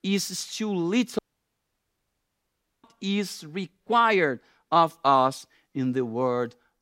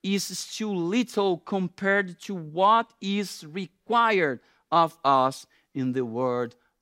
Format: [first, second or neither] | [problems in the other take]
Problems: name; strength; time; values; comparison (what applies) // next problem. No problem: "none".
second | audio cutting out; at 1 s for 1.5 s